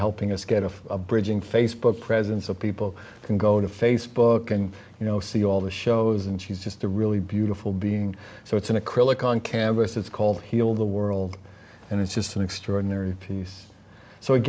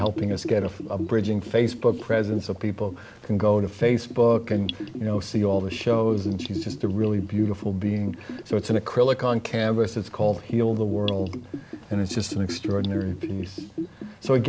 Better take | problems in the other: first | background sound (Bathtub (filling or washing) / Gurgling); 11 dB below the speech

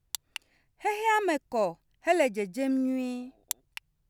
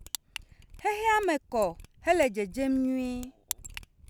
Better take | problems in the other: first | background sound (Mechanisms); 19 dB below the speech

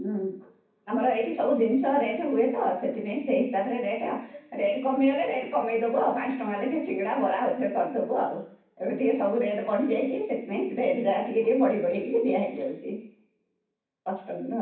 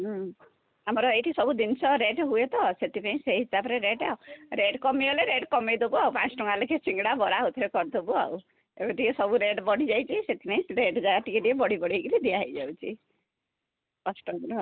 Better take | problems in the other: second | room echo; dies away in 0.6 s

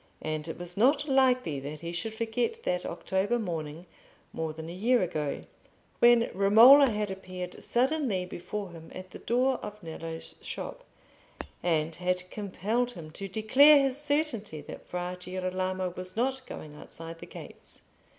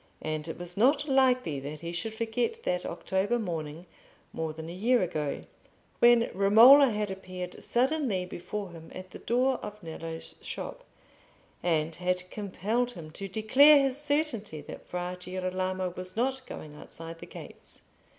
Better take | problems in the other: second | background sound (Shatter); 19 dB below the speech

